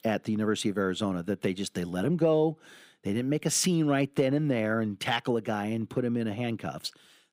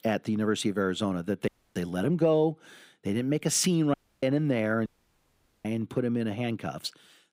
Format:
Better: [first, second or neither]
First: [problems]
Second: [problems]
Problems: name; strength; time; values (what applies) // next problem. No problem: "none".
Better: first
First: none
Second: audio cutting out; at 1.5 s, at 4 s and at 5 s for 1 s